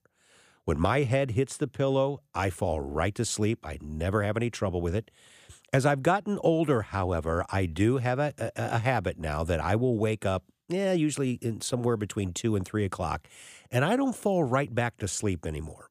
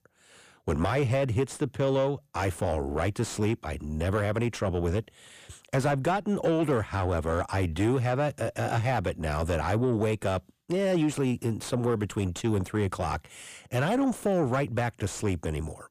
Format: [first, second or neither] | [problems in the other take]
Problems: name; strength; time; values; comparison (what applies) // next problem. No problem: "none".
first | distortion; slight; 10 dB below the speech